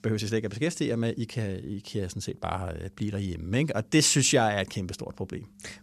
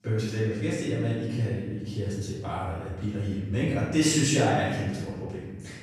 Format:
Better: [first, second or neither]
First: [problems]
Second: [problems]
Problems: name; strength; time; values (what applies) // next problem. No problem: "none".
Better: first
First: none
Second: room echo; strong; dies away in 1.5 s // off-mic speech; far